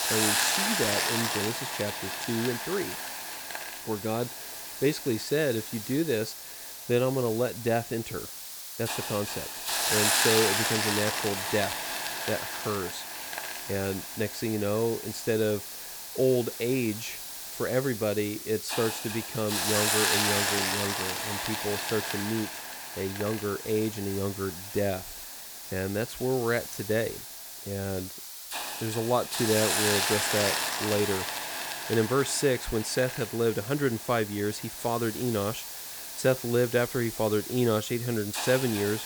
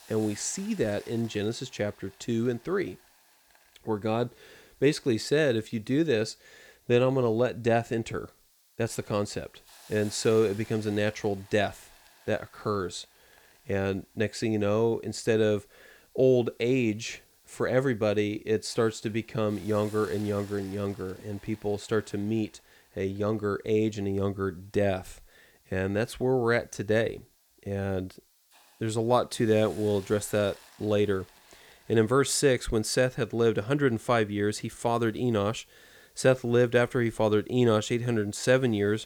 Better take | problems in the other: second | hiss; loud; throughout; 1 dB below the speech; faint in the second

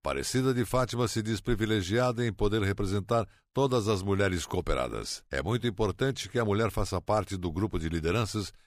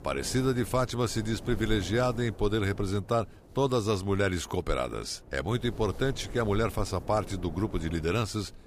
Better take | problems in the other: first | wind noise on the microphone; occasional gusts; 20 dB below the speech

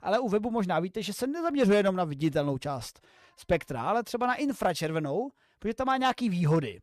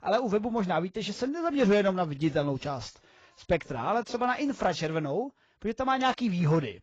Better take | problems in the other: first | garbled, watery; badly; nothing above 7.5 kHz

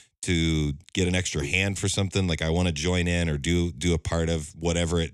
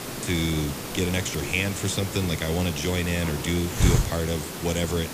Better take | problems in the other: first | hiss; loud; throughout; 3 dB below the speech

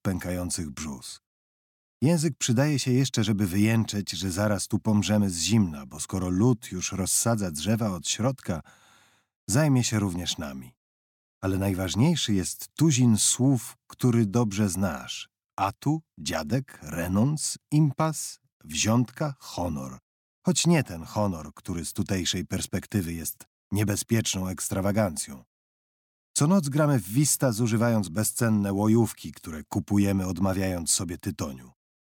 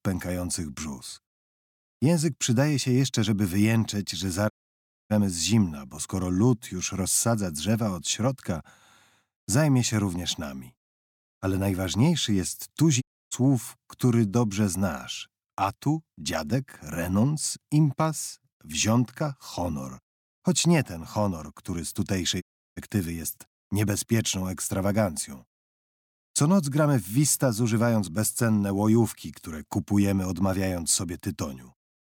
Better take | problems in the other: first | audio cutting out; at 4.5 s for 0.5 s, at 13 s and at 22 s

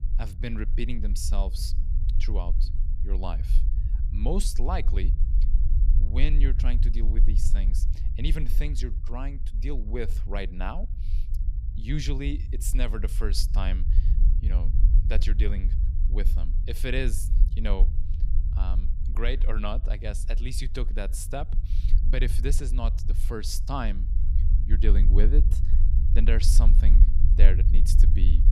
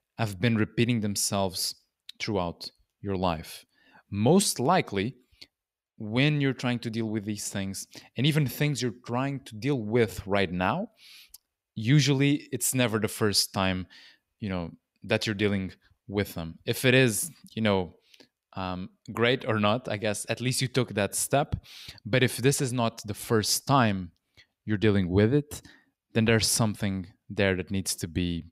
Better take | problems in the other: second | low rumble; noticeable; throughout; 10 dB below the speech

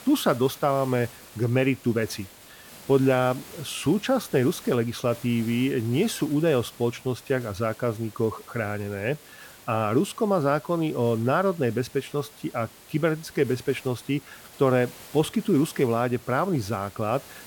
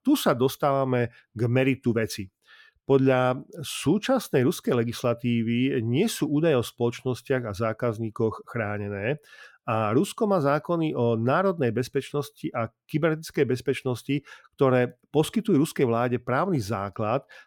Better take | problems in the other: second | hiss; noticeable; throughout; 20 dB below the speech

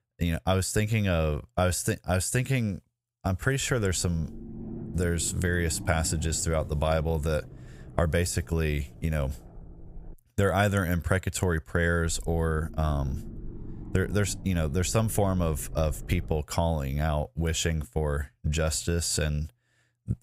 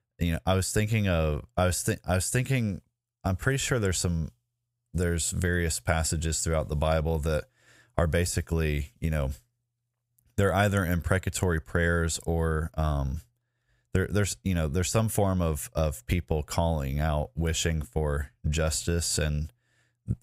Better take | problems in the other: second | low rumble; faint; from 3.5 to 10 s and from 12 to 16 s; 20 dB below the speech

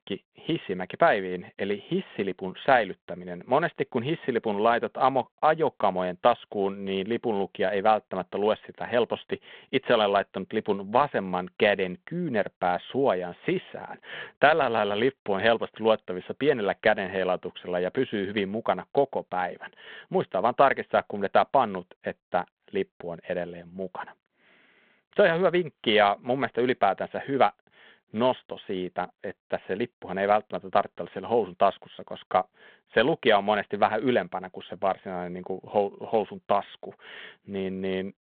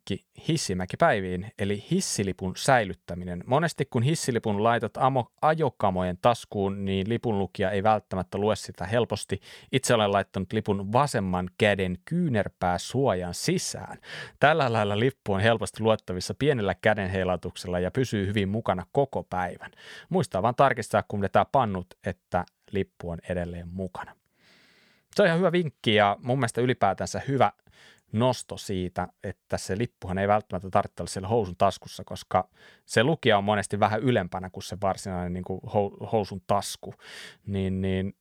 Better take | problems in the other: second | phone-call audio

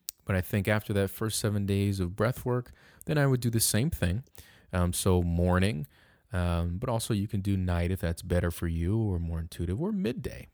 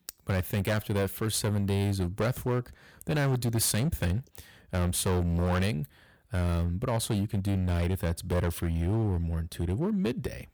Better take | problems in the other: first | distortion; slight; 15% of the sound clipped

